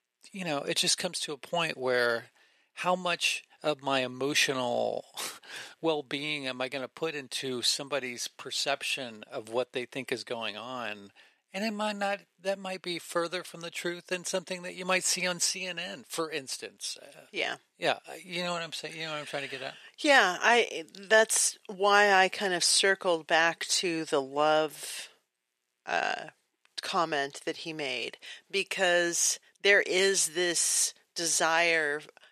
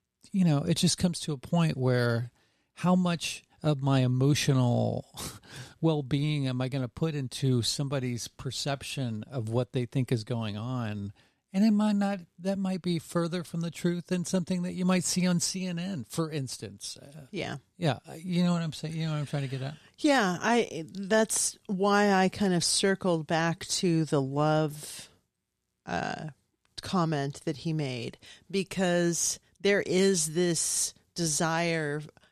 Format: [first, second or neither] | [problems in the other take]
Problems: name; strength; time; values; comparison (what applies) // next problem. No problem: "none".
second | thin; very; fading below 500 Hz